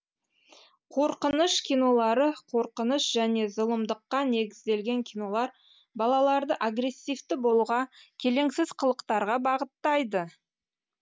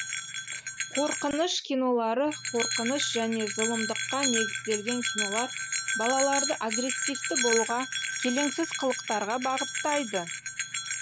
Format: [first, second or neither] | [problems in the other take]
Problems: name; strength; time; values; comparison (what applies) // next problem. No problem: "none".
first | background sound (Bell); 2 dB below the speech